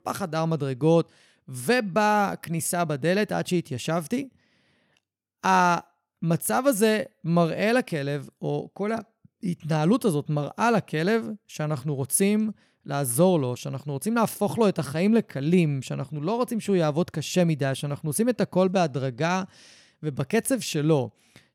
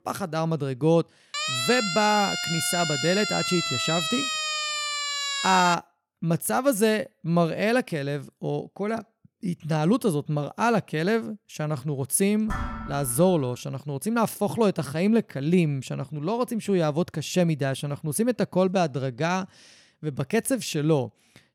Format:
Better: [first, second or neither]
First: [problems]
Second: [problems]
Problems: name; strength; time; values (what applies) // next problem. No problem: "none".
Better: first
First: none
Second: siren; loud; from 1.5 to 6 s; peak level with the speech // clattering dishes; noticeable; at 12 s; peak 7 dB below the speech